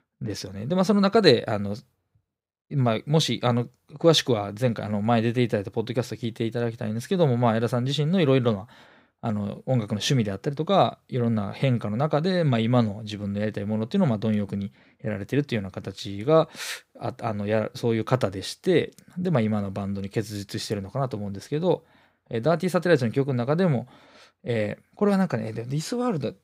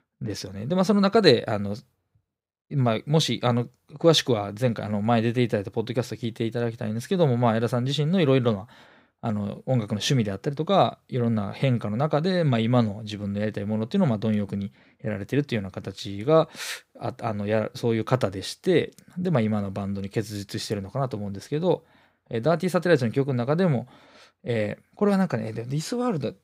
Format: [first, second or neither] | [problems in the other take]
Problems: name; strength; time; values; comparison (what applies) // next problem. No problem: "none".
neither | none